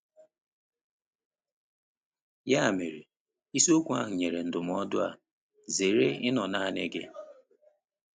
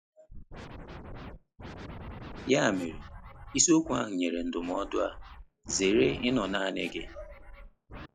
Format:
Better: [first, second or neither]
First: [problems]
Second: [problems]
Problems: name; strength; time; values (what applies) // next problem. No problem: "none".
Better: first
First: none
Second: noise reduction (classical method log-MMSE)